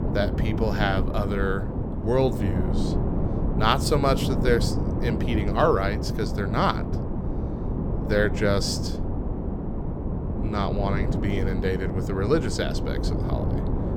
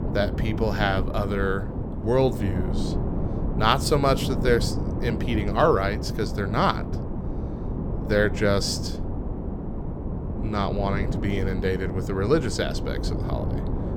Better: second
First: wind noise on the microphone; heavy; 8 dB below the speech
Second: wind noise on the microphone; occasional gusts; 10 dB below the speech

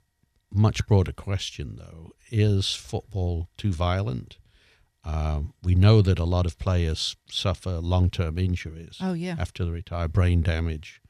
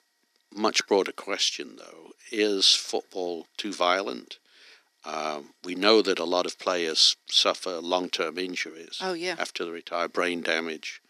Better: first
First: none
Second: thin; very; fading below 250 Hz

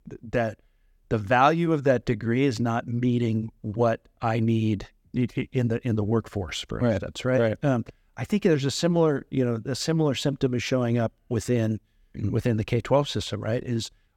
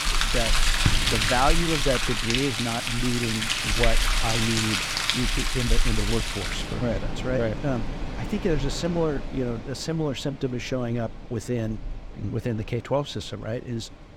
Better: first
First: none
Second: rain or running water; very loud; throughout; 3 dB above the speech

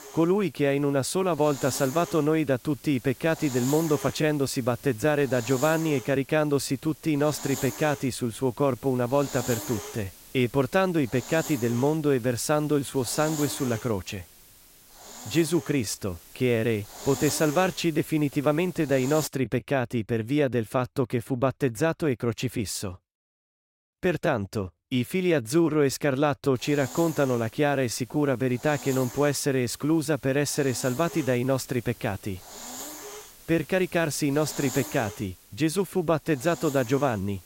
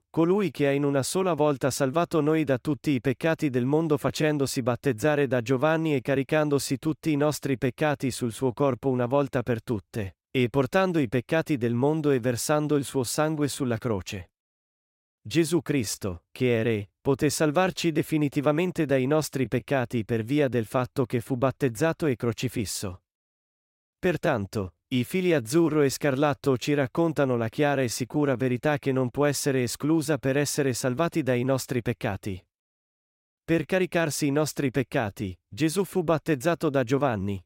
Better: second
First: hiss; noticeable; until 19 s and from 27 s on; 15 dB below the speech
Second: none

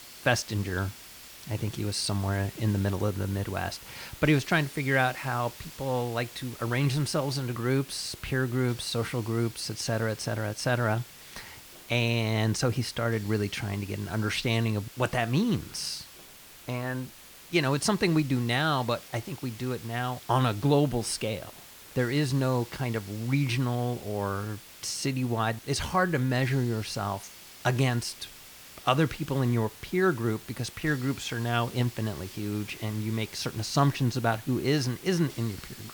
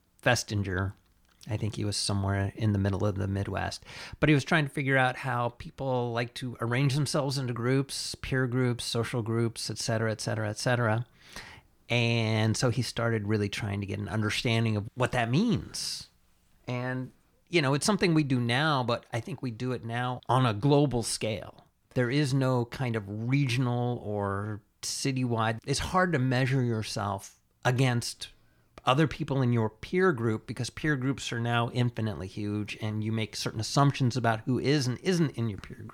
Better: second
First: hiss; noticeable; throughout; 15 dB below the speech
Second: none

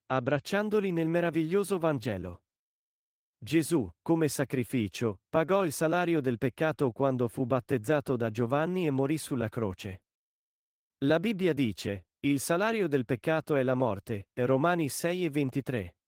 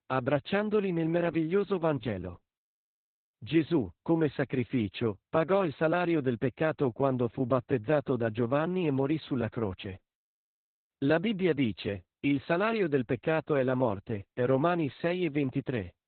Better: first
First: garbled, watery; slightly; nothing above 16 kHz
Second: garbled, watery; badly; nothing above 4 kHz

